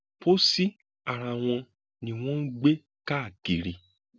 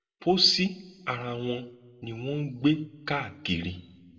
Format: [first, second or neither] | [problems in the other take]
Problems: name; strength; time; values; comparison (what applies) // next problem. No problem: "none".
first | room echo; dies away in 0.5 s